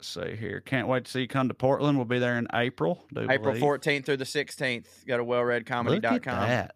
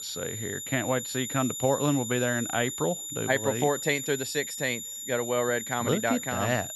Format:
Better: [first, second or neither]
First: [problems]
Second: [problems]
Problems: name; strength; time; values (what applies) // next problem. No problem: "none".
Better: first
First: none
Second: high-pitched whine; loud; throughout; 7 kHz, 5 dB below the speech